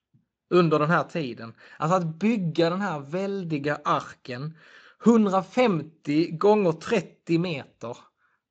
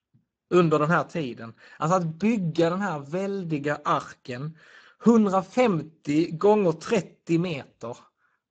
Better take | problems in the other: first | garbled, watery; badly; nothing above 7.5 kHz; slightly in the first

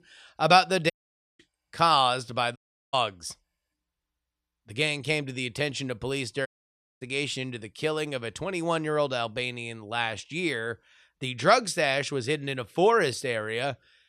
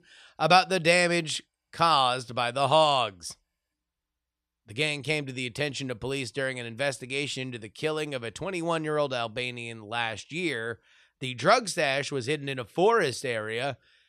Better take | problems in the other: second | audio cutting out; at 1 s, at 2.5 s and at 6.5 s for 0.5 s

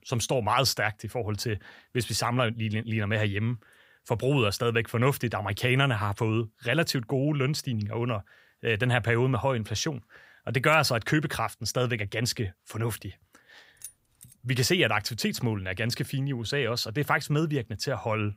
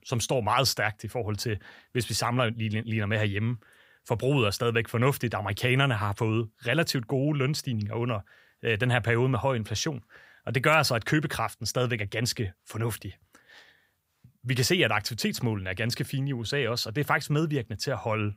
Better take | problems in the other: second | jangling keys; faint; at 14 s; peak 15 dB below the speech

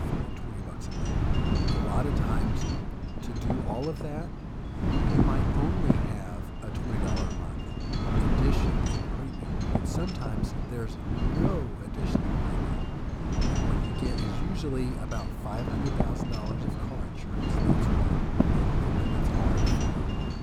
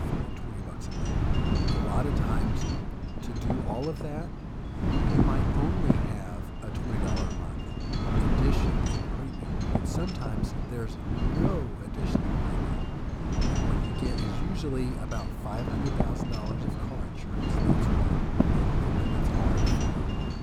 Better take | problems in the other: neither | wind noise on the microphone; heavy; 5 dB above the speech; the same in both

